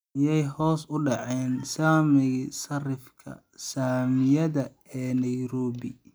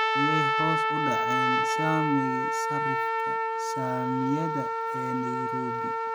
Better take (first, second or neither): first